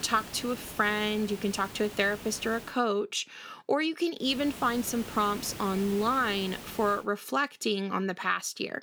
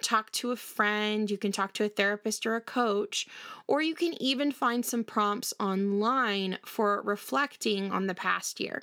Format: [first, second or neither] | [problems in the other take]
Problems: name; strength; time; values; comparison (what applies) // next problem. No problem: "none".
second | hiss; noticeable; until 2.5 s and from 4.5 to 7 s; 15 dB below the speech